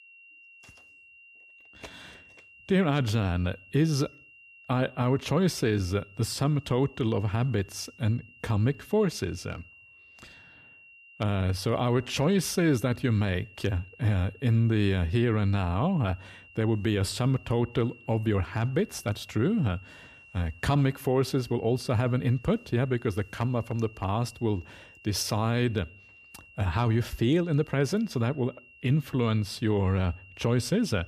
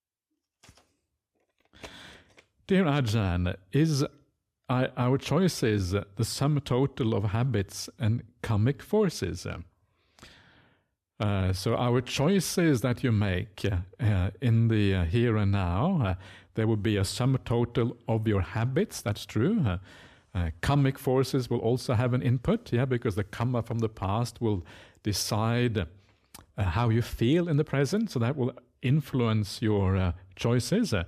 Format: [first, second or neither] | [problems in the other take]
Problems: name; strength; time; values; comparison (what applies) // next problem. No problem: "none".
second | high-pitched whine; faint; throughout; 2.5 kHz, 25 dB below the speech